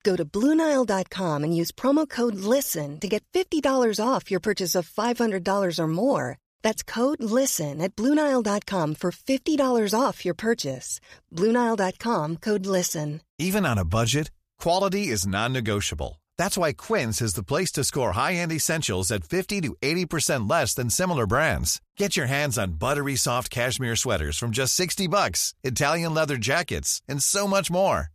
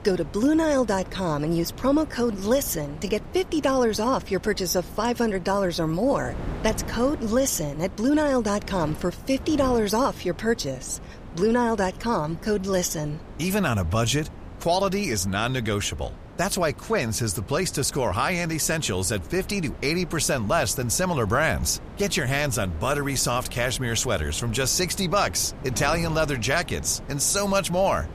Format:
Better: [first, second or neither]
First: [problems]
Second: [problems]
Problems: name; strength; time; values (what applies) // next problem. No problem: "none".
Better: first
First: none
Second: wind noise on the microphone; occasional gusts; 20 dB below the speech